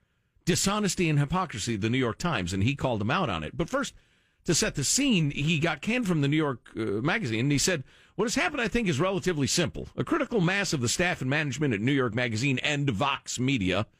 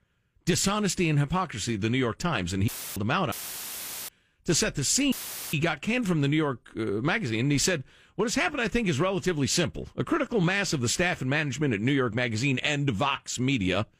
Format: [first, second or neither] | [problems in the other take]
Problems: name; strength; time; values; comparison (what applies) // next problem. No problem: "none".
first | audio cutting out; filled with static; at 2.5 s, at 3.5 s for 1 s and at 5 s